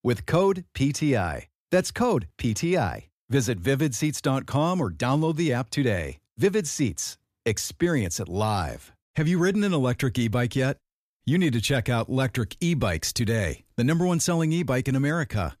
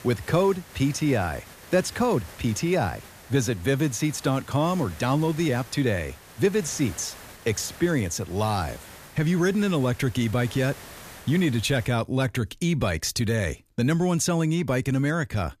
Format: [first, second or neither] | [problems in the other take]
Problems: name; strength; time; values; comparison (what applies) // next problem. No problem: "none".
first | hiss; noticeable; until 12 s; 20 dB below the speech